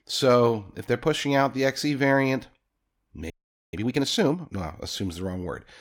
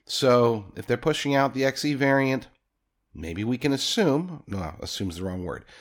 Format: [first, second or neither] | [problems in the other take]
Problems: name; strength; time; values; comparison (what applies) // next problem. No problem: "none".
second | audio freezing; at 3.5 s